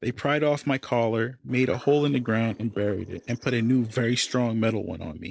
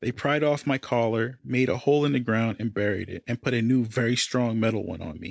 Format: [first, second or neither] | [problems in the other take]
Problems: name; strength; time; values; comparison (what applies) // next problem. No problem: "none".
second | noise reduction (neural separator model SepFormer DNS4)